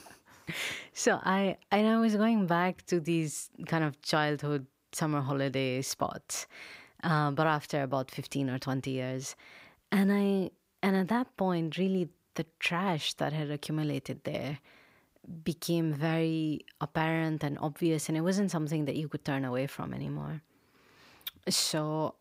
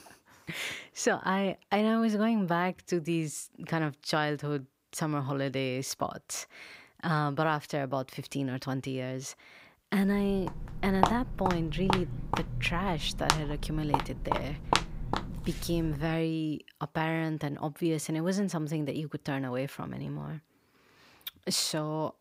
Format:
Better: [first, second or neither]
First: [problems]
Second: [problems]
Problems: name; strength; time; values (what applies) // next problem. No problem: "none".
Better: first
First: none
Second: footsteps; loud; from 10 to 16 s; peak 3 dB above the speech